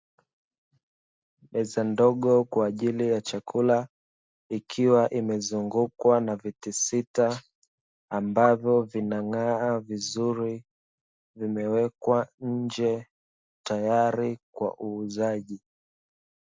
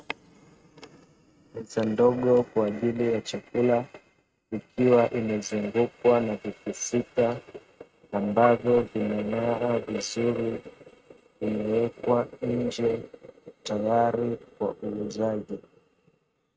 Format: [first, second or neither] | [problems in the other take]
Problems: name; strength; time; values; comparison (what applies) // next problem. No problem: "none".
first | noise reduction (neural mask model RNNoise)